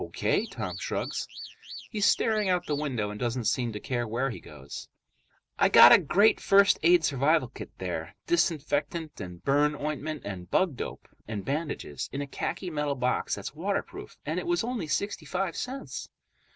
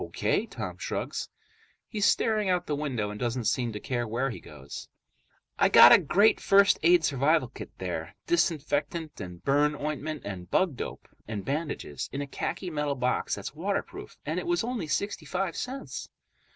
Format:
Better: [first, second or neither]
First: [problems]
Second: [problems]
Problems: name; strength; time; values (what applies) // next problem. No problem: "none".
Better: second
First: background sound (Alarm / Car); 14 dB below the speech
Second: none